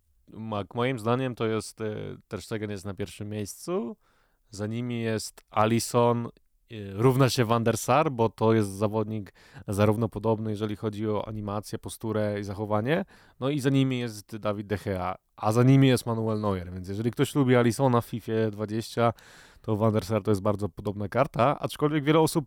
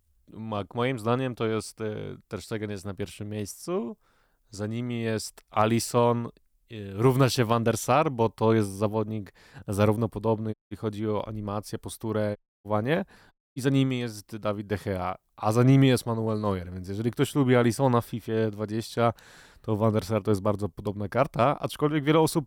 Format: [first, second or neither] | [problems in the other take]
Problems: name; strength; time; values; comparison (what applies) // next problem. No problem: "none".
first | audio cutting out; at 11 s, at 12 s and at 13 s